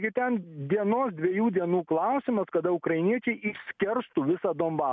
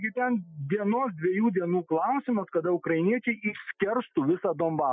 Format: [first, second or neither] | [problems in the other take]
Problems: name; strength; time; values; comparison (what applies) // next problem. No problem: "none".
first | noise reduction (classical method Wiener filter)